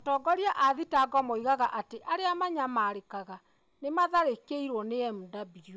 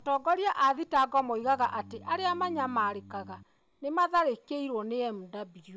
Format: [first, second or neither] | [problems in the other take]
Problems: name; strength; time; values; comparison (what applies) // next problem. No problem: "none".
first | background sound (Organ); 19 dB below the speech